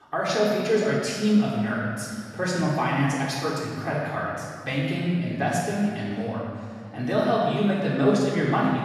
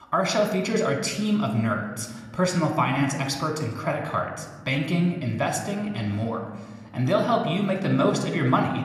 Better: second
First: room echo; strong; dies away in 1.7 s // off-mic speech; far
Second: room echo; slight; dies away in 1 s

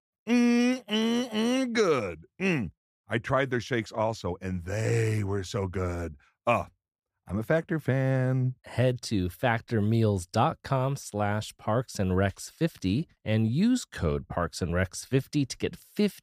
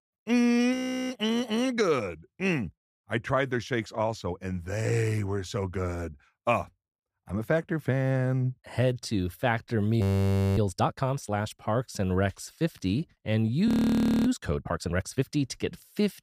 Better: first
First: none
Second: audio freezing; at 1 s, at 10 s for 0.5 s and at 14 s for 0.5 s

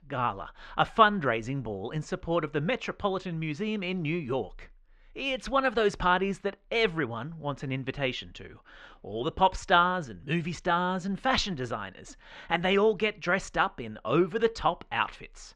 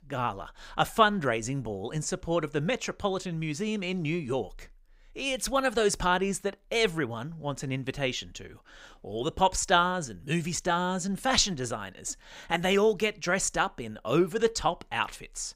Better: second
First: muffled; slightly; fading above 3 kHz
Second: none

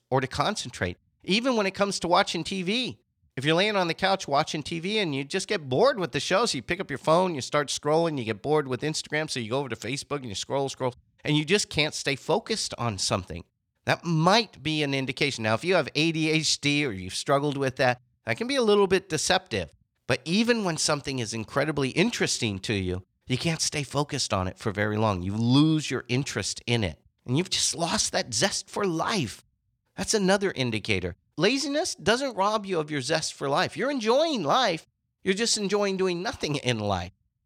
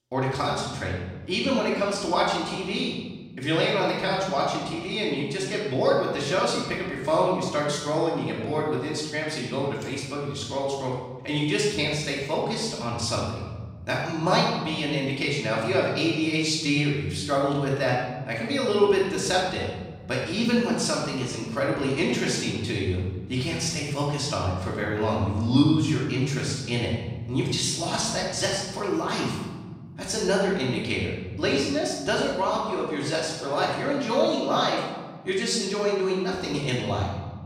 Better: first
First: none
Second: off-mic speech; far // room echo; noticeable; dies away in 1.6 s

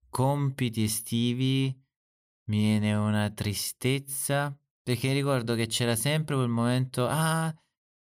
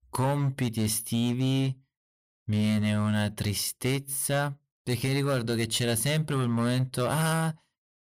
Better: first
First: none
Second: distortion; slight; 8% of the sound clipped

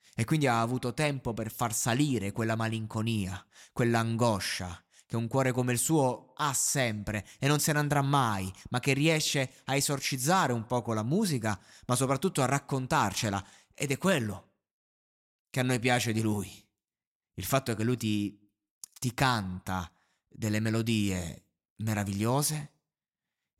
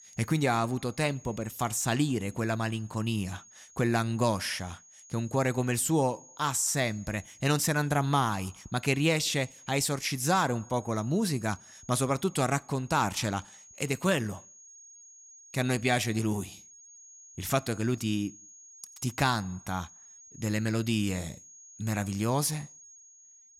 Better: first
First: none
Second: high-pitched whine; faint; throughout; 6.5 kHz, 20 dB below the speech

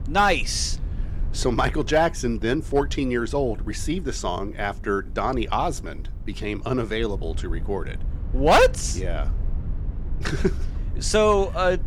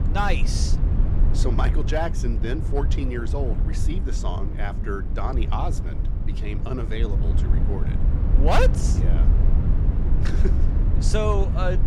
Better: first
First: low rumble; faint; throughout; 25 dB below the speech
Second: low rumble; loud; throughout; 8 dB below the speech

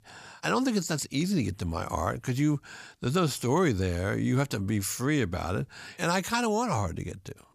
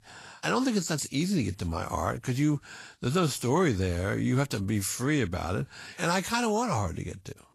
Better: first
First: none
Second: garbled, watery; slightly; nothing above 12.5 kHz

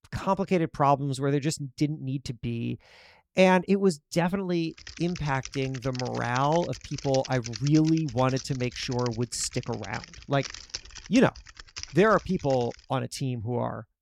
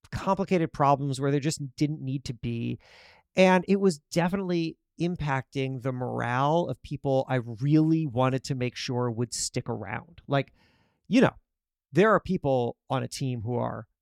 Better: second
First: keyboard typing; noticeable; from 5 to 13 s; peak 9 dB below the speech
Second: none

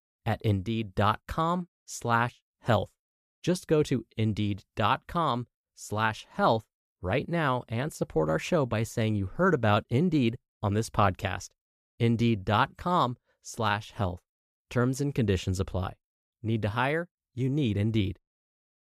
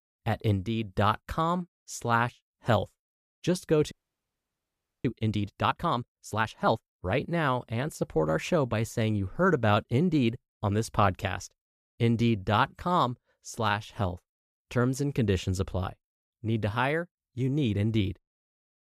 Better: first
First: none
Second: audio freezing; at 4 s for 1 s

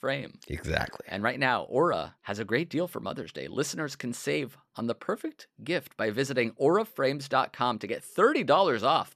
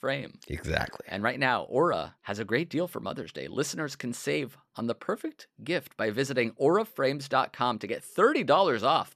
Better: neither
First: none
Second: none

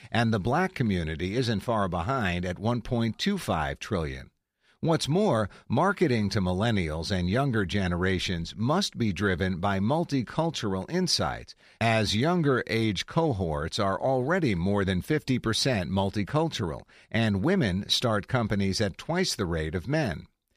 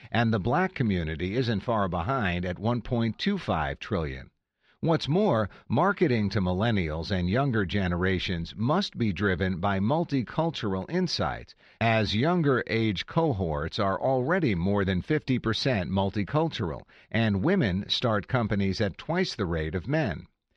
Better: first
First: none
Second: muffled; very slightly; fading above 4 kHz

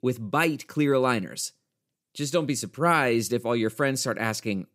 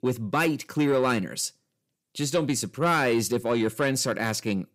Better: first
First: none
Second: distortion; slight; 10 dB below the speech

